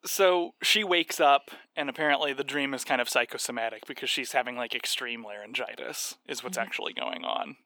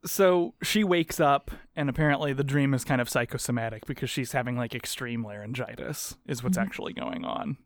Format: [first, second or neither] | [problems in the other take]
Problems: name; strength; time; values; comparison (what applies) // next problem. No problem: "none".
second | thin; somewhat; fading below 300 Hz